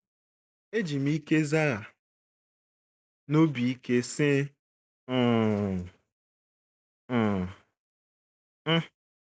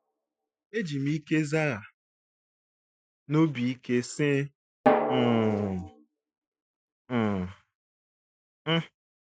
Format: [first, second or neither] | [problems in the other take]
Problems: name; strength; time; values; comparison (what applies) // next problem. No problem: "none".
first | noise reduction (classical method Wiener filter)